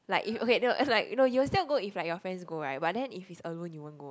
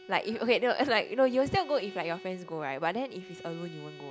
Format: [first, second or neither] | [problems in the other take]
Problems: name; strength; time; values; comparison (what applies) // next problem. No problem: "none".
first | background sound (Bowed string instrument); 18 dB below the speech